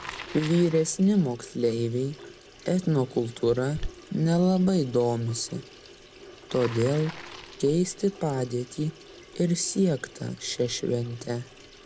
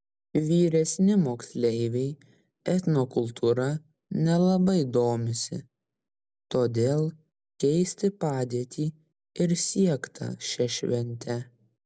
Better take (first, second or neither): second